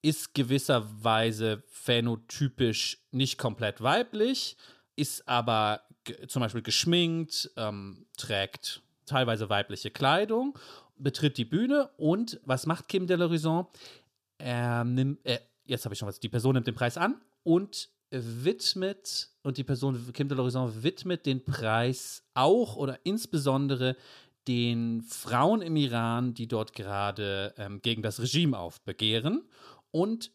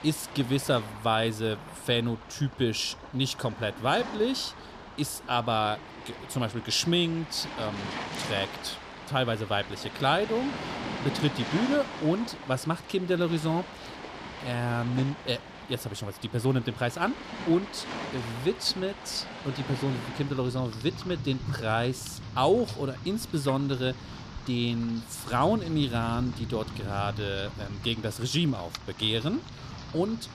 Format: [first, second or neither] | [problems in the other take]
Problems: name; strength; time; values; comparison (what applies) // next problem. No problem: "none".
first | rain or running water; noticeable; throughout; 10 dB below the speech